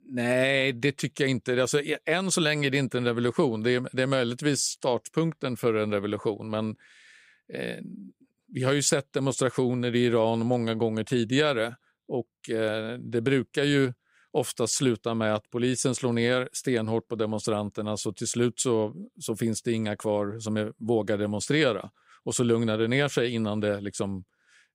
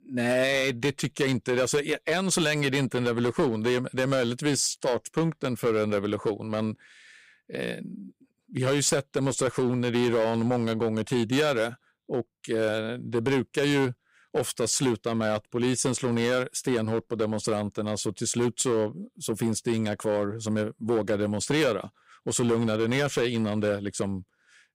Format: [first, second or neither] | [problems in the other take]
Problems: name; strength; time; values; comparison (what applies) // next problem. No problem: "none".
first | distortion; slight; 6% of the sound clipped